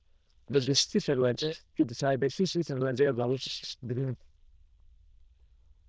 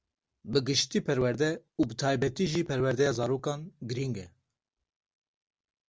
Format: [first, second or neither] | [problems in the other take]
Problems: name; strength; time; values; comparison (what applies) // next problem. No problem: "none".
second | noise reduction (neural diffusion model UNIVERSE++)